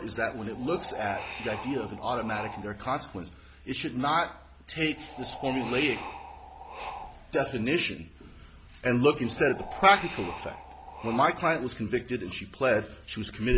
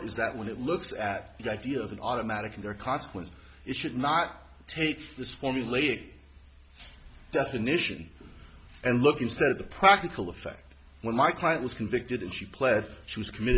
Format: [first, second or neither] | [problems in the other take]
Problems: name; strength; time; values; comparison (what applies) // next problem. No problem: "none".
second | background sound (Wind); 12 dB below the speech